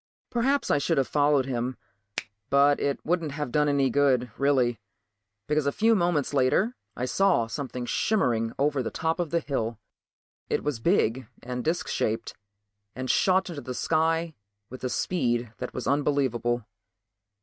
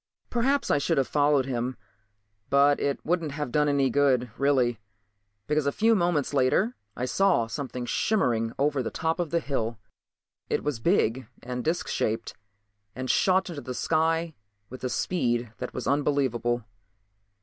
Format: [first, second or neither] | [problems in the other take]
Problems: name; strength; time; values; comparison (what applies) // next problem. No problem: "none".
second | noise reduction (neural mask model RNNoise)